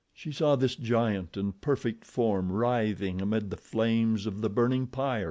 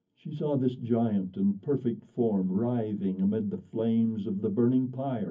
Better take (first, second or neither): first